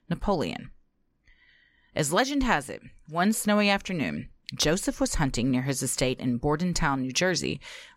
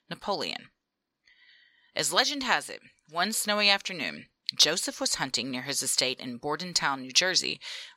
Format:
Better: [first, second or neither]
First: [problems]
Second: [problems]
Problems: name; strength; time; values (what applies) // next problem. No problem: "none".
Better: first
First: none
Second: thin; somewhat; fading below 850 Hz